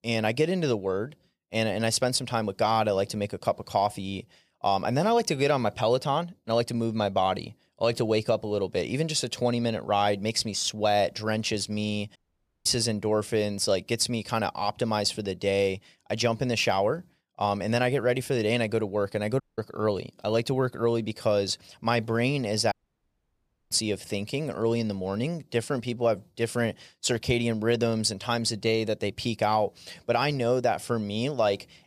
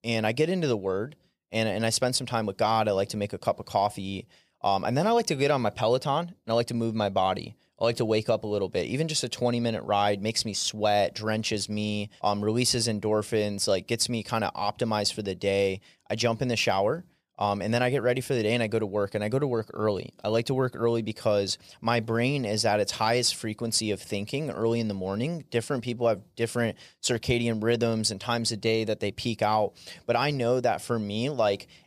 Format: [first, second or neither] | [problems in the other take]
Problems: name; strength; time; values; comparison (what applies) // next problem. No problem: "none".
second | audio cutting out; at 12 s, at 19 s and at 23 s for 1 s